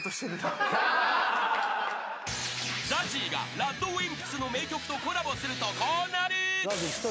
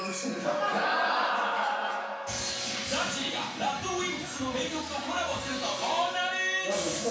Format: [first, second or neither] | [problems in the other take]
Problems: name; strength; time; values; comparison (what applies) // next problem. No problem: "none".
first | background sound (Wind instrument, woodwind instrument); 13 dB below the speech // room echo; dies away in 0.7 s